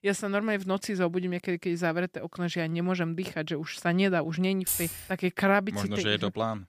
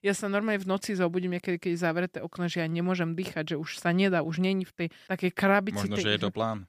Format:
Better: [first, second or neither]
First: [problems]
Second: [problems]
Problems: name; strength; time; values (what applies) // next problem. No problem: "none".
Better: second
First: jangling keys; noticeable; at 4.5 s; peak level with the speech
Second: none